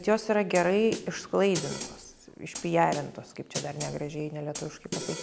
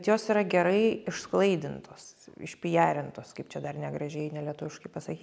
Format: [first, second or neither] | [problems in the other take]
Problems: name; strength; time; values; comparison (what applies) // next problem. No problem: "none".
second | background sound (Snare drum); 12 dB below the speech